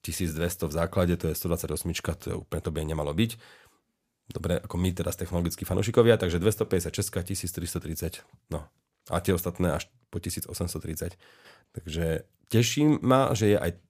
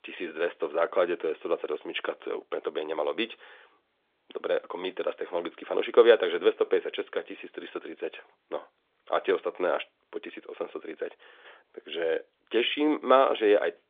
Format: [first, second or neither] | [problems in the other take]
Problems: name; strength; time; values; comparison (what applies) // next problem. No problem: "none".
first | phone-call audio; nothing above 3.5 kHz